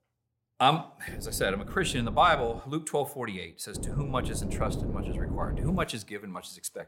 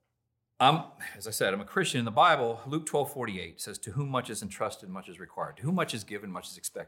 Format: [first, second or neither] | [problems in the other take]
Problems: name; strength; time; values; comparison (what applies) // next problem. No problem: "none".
second | wind noise on the microphone; faint; from 1 to 2.5 s and from 3.5 to 6 s; 15 dB below the speech